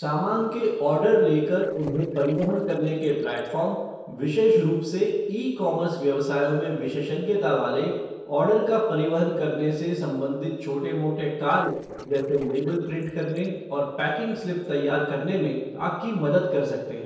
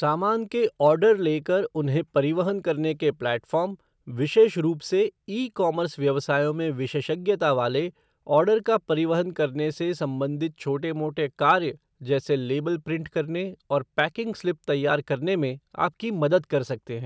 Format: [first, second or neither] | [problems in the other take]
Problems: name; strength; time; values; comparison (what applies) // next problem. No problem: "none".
second | noise reduction (neural separator model SepFormer DNS4)